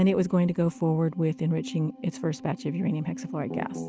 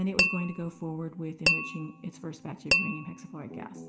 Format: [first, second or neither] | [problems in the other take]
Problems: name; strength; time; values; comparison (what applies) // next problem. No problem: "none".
first | background sound (Tap / Glass); 4 dB above the speech // room echo; dies away in 1.6 s